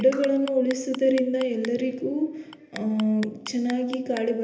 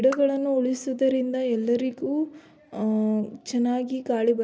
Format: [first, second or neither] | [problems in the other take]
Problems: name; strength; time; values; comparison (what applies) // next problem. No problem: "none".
second | background sound (Clock); 18 dB below the speech // room echo; dies away in 0.8 s